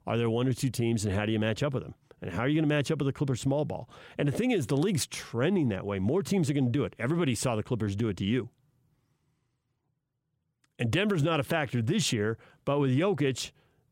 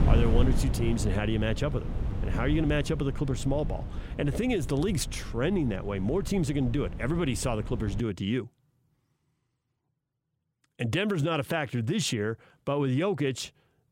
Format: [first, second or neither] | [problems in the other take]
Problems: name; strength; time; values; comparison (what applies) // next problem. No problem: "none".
first | wind noise on the microphone; faint; until 8 s; 10 dB below the speech